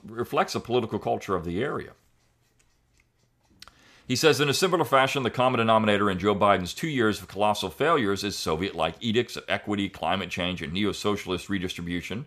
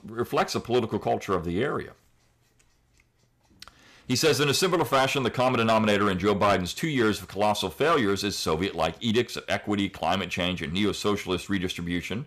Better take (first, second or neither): first